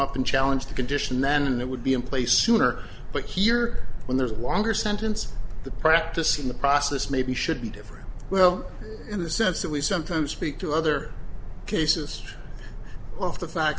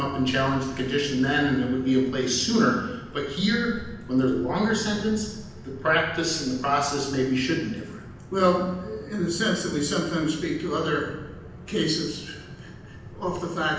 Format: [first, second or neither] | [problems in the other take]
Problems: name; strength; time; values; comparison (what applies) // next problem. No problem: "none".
first | room echo; dies away in 0.9 s